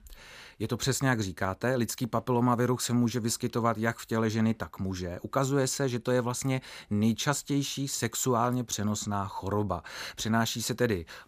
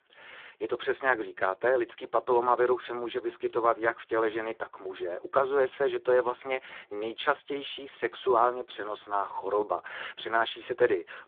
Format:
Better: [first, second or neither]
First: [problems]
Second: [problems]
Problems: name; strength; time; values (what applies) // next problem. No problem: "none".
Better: first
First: none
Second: phone-call audio; poor line; nothing above 3.5 kHz